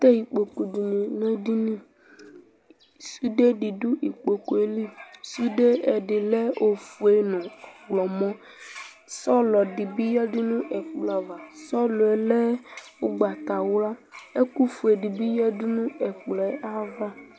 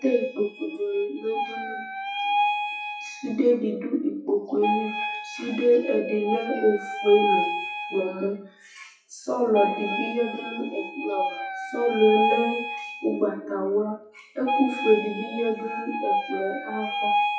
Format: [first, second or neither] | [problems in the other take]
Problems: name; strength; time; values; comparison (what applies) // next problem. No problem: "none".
first | noise reduction (classical method WPE with log-MMSE)